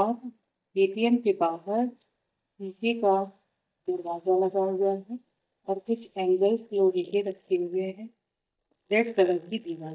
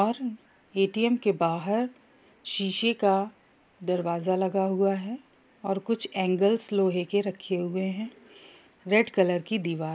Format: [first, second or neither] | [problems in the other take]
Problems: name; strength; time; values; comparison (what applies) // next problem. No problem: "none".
second | noise reduction (neural mask model DeepFilterNet 3)